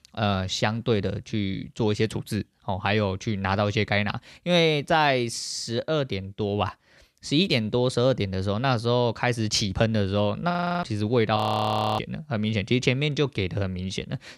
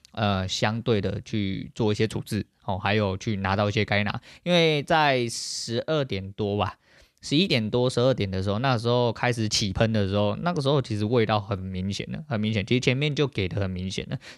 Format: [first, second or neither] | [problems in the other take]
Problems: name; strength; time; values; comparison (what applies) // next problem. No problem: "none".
second | audio freezing; at 11 s for 0.5 s